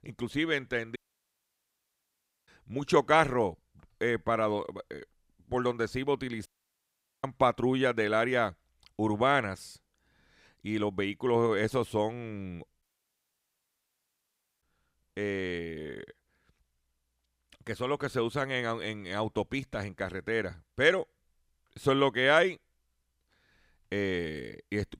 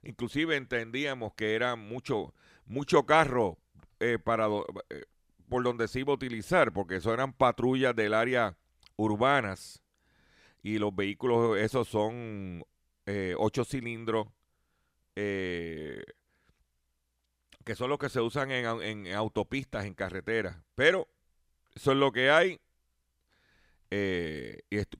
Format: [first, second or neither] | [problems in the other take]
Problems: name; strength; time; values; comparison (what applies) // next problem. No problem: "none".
second | audio cutting out; at 1 s for 1.5 s, at 6.5 s for 1 s and at 13 s for 2 s